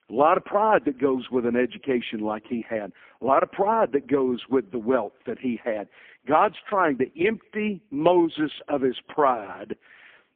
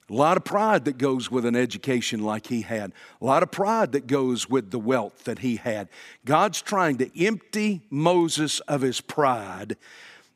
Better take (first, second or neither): second